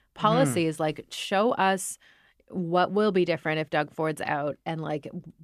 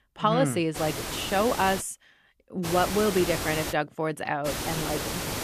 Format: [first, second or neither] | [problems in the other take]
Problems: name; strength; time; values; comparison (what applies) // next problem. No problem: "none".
first | hiss; loud; from 1 to 2 s, from 2.5 to 3.5 s and from 4.5 s on; 5 dB below the speech